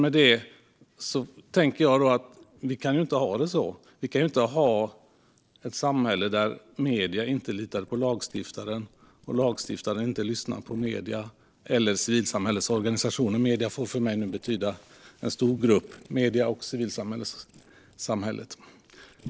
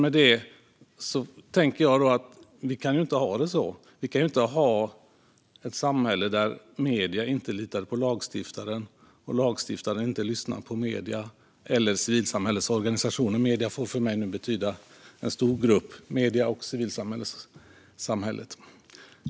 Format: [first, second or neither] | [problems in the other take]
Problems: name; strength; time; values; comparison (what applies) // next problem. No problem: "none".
second | noise reduction (neural separator model SepFormer DNS4)